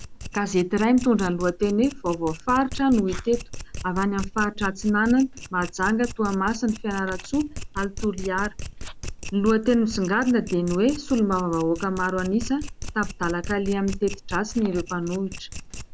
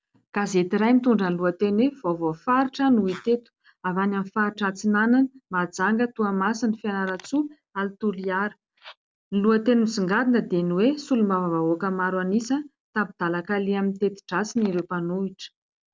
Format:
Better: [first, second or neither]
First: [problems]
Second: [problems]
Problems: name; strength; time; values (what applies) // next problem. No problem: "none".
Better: second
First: background sound (Domestic sounds, home sounds); 11 dB below the speech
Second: none